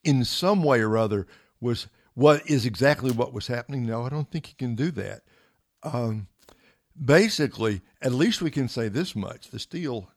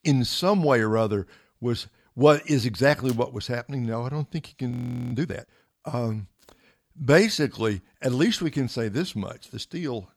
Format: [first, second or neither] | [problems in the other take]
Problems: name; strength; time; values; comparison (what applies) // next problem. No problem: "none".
first | audio freezing; at 4.5 s